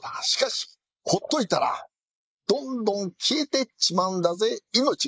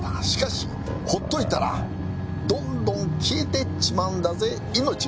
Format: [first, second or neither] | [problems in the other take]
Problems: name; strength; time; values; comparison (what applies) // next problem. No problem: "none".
second | noise reduction (neural mask model Resemble Enhance denoiser)